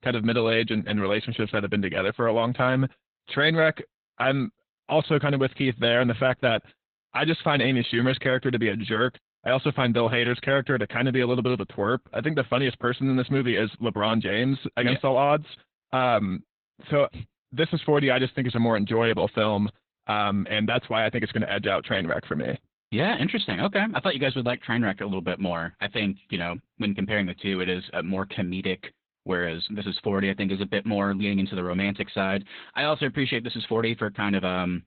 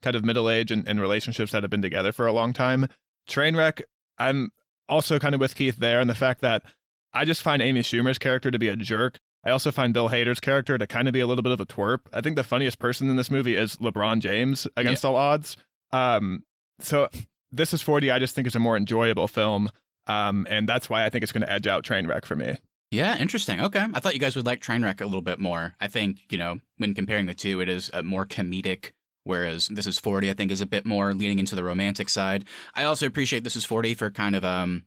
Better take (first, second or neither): second